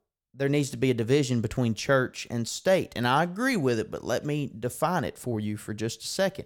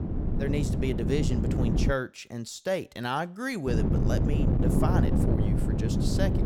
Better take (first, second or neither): first